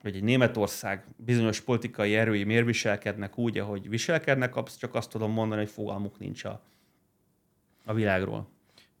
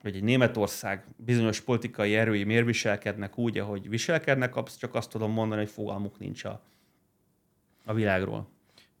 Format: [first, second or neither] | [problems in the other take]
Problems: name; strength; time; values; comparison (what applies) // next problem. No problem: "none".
neither | none